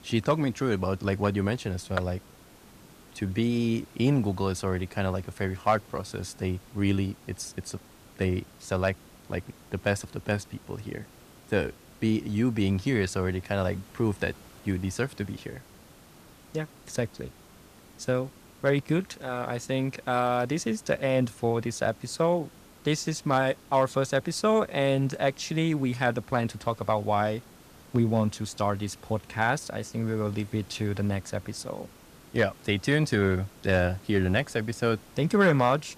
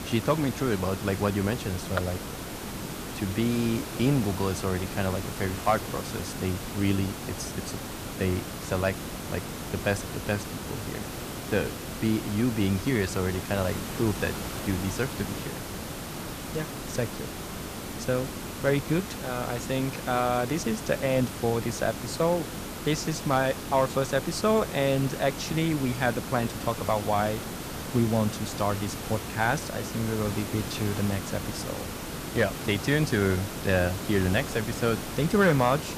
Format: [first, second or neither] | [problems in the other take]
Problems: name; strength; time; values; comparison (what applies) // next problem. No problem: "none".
first | hiss; loud; throughout; 7 dB below the speech; faint in the first